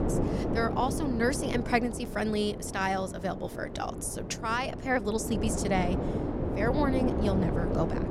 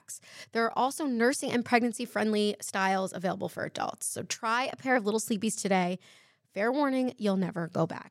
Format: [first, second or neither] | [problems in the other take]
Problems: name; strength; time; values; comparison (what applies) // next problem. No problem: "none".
second | wind noise on the microphone; heavy; 5 dB below the speech